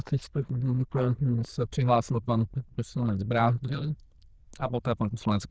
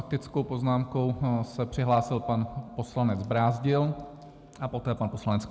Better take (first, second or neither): second